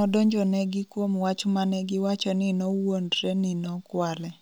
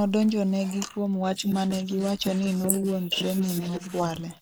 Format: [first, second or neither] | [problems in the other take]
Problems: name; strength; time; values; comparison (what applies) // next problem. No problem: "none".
first | noise reduction (neural mask model Resemble Enhance denoiser)